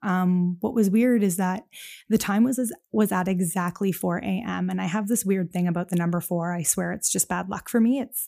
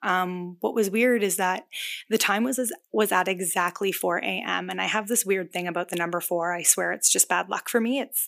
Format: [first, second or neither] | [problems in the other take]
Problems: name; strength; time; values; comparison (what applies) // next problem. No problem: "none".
first | thin; somewhat; fading below 350 Hz